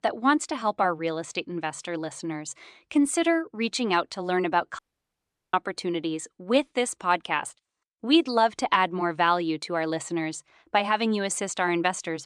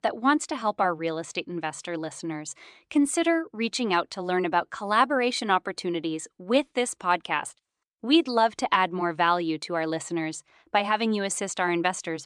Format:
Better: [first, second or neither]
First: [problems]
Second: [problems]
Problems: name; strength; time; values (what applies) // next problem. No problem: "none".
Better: second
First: audio cutting out; at 5 s for 0.5 s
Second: none